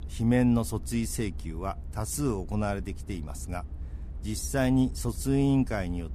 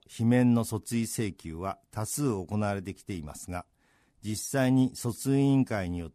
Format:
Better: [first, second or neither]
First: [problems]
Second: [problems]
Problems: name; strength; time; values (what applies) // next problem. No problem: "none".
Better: second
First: low rumble; faint; throughout; 25 dB below the speech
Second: none